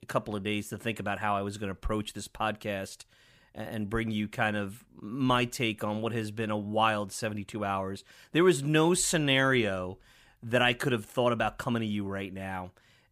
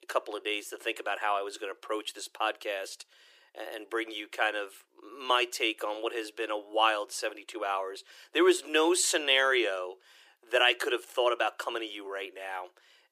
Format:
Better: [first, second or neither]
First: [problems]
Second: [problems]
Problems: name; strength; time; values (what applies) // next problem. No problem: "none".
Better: first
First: none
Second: thin; very; fading below 350 Hz